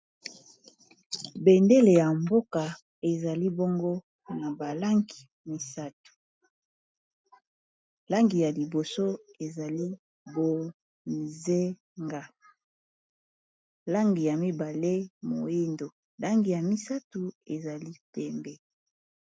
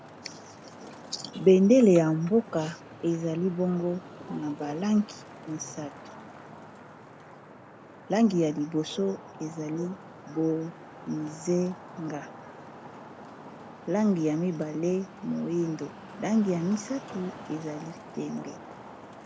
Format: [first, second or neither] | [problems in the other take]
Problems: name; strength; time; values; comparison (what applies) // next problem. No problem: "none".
first | background sound (Traffic noise, roadway noise); 16 dB below the speech